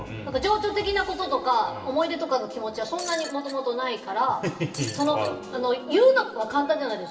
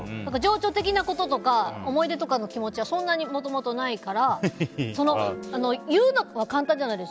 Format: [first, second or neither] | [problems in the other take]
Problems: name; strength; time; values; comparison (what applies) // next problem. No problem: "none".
second | background sound (Shatter); 14 dB below the speech // room echo; dies away in 2.1 s